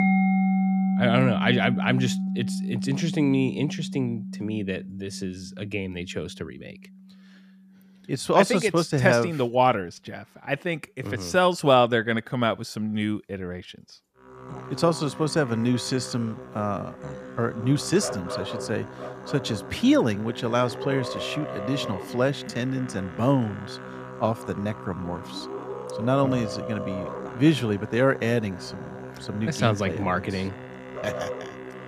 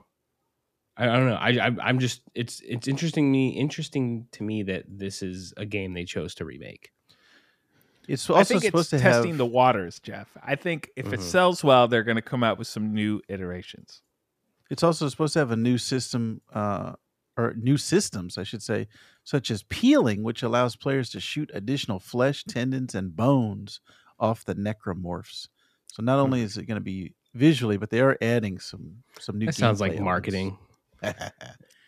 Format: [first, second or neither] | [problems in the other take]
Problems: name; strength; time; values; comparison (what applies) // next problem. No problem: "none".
second | background music; loud; throughout; 7 dB below the speech